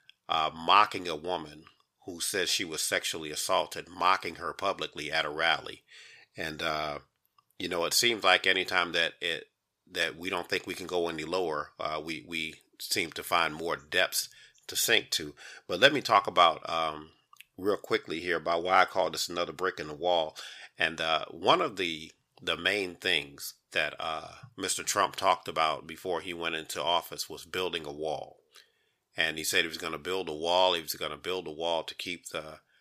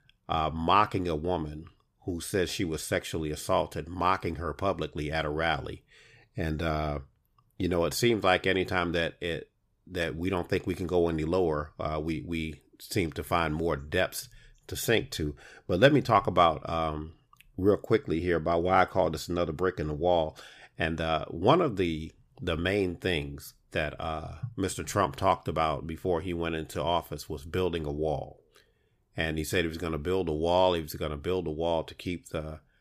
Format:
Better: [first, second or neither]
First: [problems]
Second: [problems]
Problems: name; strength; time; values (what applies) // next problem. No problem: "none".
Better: second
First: thin; somewhat; fading below 1 kHz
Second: none